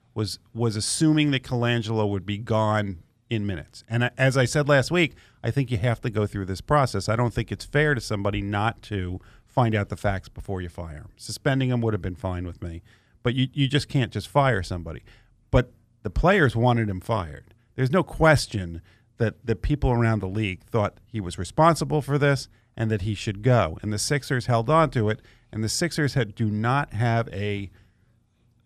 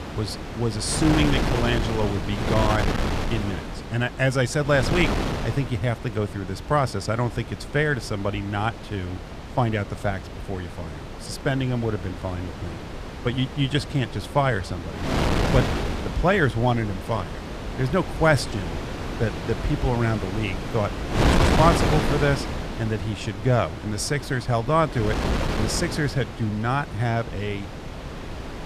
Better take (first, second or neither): first